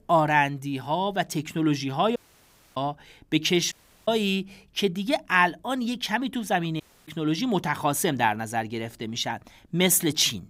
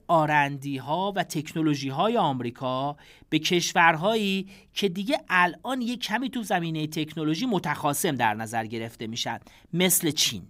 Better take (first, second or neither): second